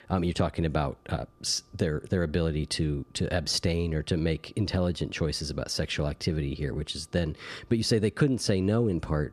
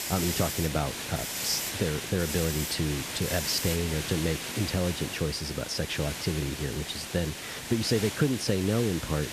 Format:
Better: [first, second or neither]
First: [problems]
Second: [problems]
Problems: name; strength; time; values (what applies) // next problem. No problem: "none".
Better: first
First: none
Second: hiss; loud; throughout; 4 dB below the speech